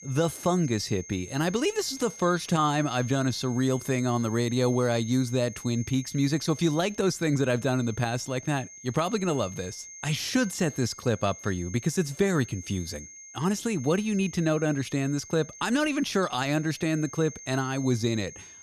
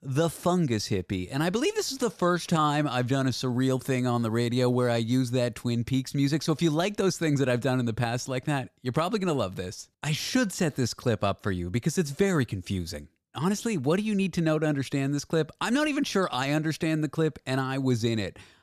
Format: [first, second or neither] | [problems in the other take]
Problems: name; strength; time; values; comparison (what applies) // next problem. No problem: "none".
second | high-pitched whine; noticeable; throughout; 6.5 kHz, 15 dB below the speech